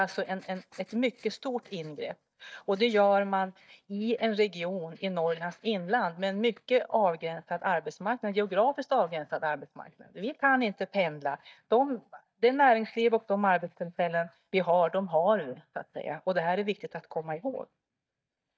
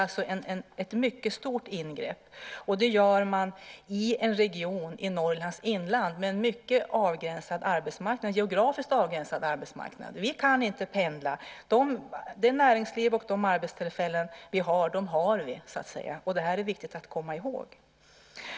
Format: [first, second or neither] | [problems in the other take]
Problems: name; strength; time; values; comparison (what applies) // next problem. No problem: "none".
second | noise reduction (neural mask model DeepFilterNet 3)